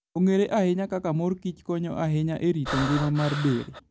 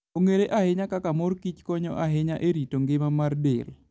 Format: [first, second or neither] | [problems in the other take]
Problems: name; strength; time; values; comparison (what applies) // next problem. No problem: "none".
second | background sound (Breathing); 8 dB below the speech